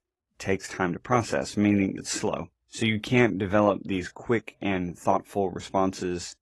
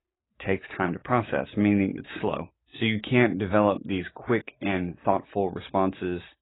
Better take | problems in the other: first | garbled, watery; badly; nothing above 3.5 kHz; slightly in the first

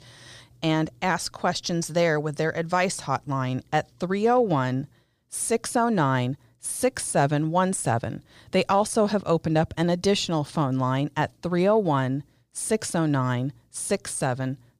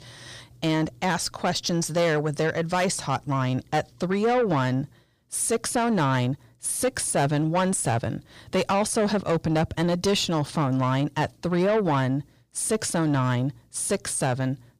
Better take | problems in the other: first | distortion; slight; 10 dB below the speech

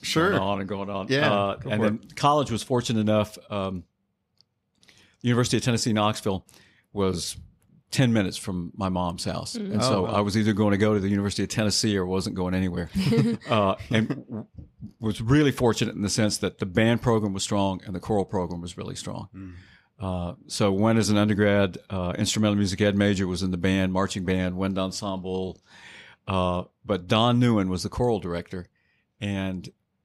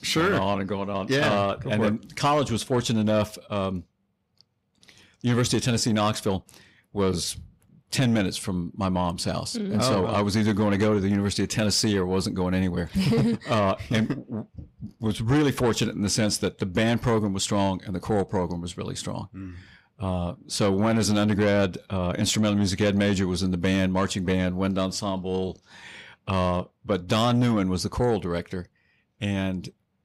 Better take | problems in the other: first | distortion; slight; 10 dB below the speech

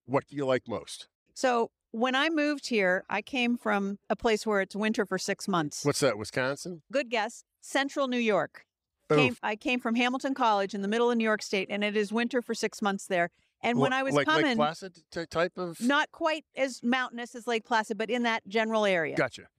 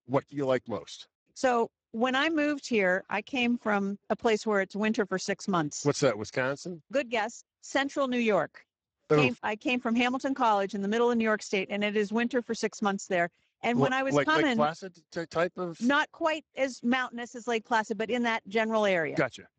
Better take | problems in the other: first | garbled, watery; badly; nothing above 7.5 kHz

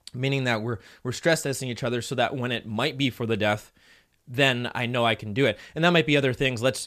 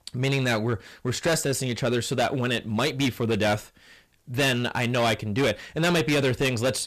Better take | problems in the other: first | distortion; heavy; 13% of the sound clipped

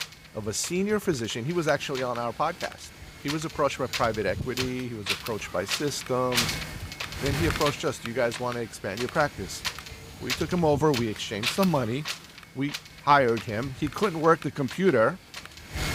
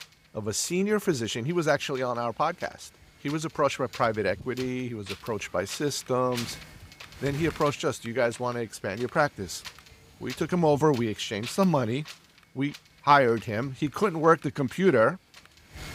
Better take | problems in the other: second | wind noise on the microphone; heavy; 7 dB below the speech; occasional gusts in the second

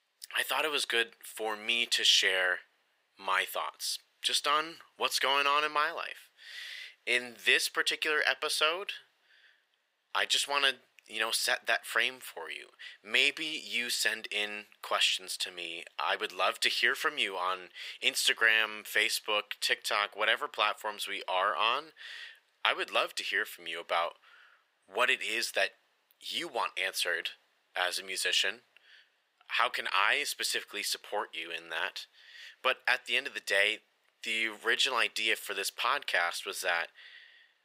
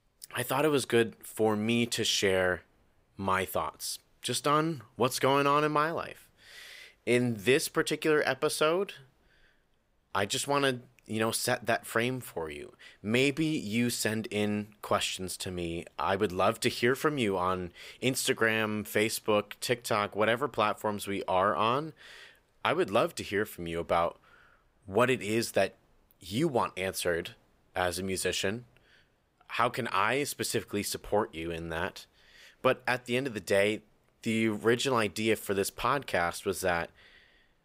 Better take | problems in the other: second | thin; very; fading below 650 Hz

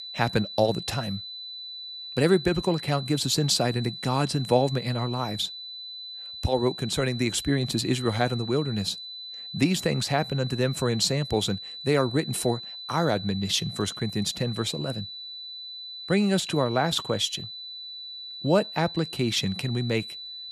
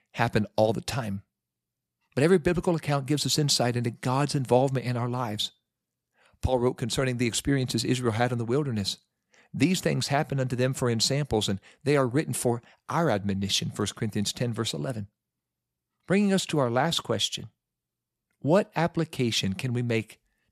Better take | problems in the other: second | high-pitched whine; loud; throughout; 4 kHz, 10 dB below the speech

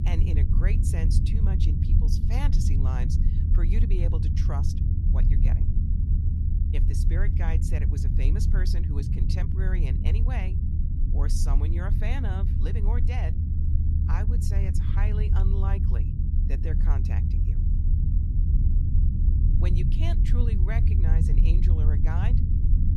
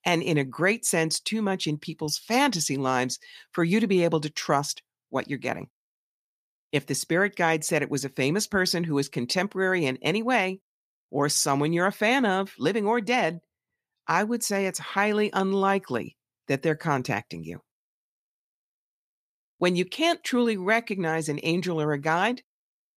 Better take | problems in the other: second | low rumble; loud; throughout; as loud as the speech

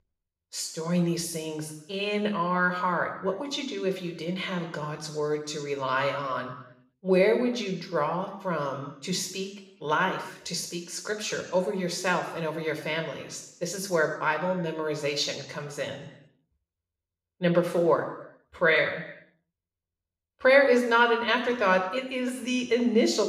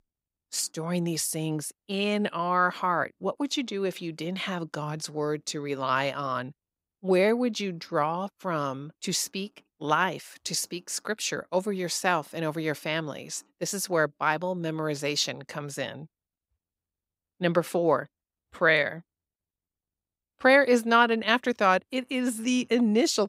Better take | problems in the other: second | room echo; slight; dies away in 0.8 s // off-mic speech; somewhat distant

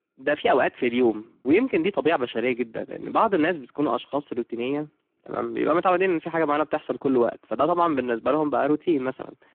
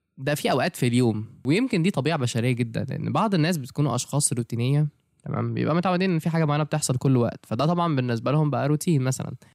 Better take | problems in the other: second | phone-call audio; poor line

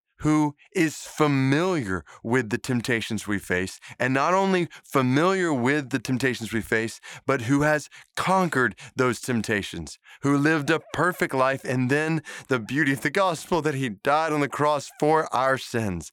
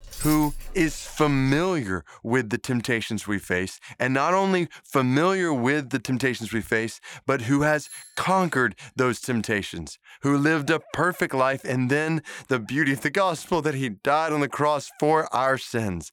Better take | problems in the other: first | jangling keys; noticeable; until 1.5 s; peak 7 dB below the speech // doorbell; faint; at 8 s; peak 15 dB below the speech

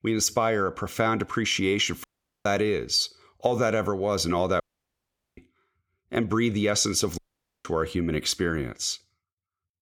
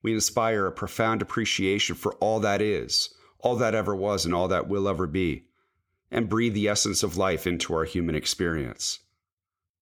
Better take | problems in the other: second | audio cutting out; at 2 s, at 4.5 s for 1 s and at 7 s

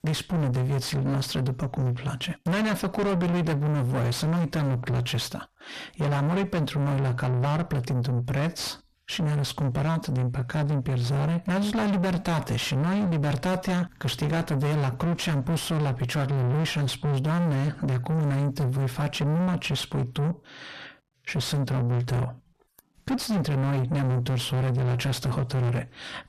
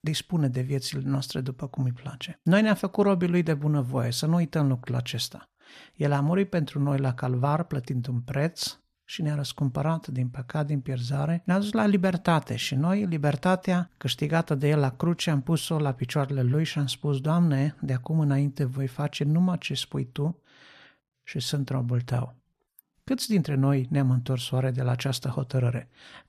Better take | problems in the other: second | distortion; heavy; 5 dB below the speech

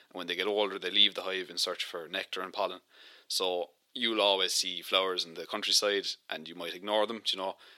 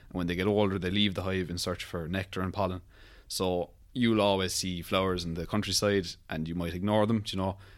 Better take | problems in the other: second | thin; somewhat; fading below 350 Hz

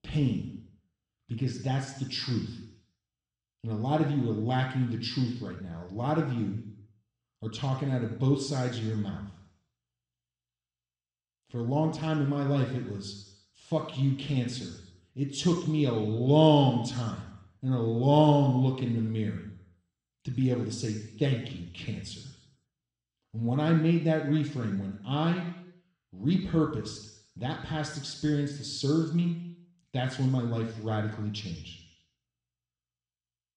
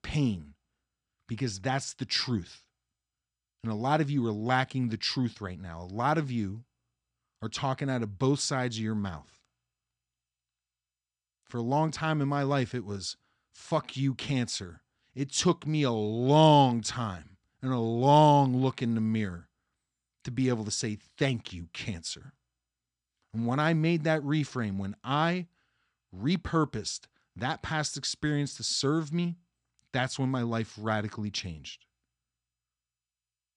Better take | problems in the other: second | room echo; noticeable; dies away in 0.8 s // off-mic speech; somewhat distant

